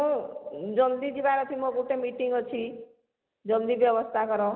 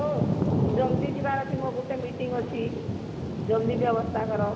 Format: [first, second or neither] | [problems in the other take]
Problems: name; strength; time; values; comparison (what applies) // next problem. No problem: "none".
first | background sound (Thunder / Rain); as loud as the speech // room echo; dies away in 2.1 s